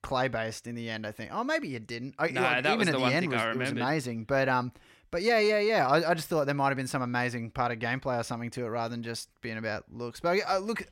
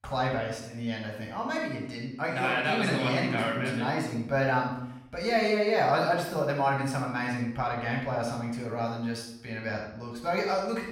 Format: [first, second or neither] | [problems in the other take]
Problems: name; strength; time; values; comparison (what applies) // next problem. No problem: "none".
first | off-mic speech; far // room echo; noticeable; dies away in 0.7 s